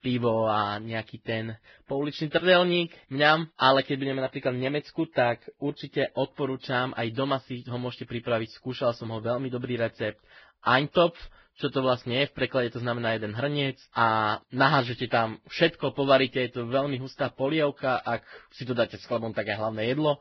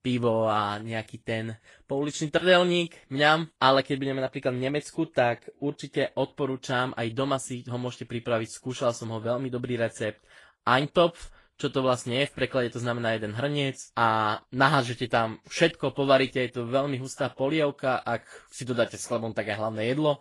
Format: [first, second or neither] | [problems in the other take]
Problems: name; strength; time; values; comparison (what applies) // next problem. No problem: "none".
second | garbled, watery; badly; nothing above 5 kHz; slightly in the second